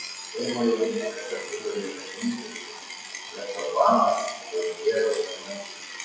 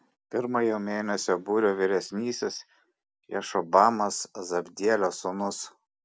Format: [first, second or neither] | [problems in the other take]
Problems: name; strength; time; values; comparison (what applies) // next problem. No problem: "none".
second | noise reduction (classical method WPE with log-MMSE)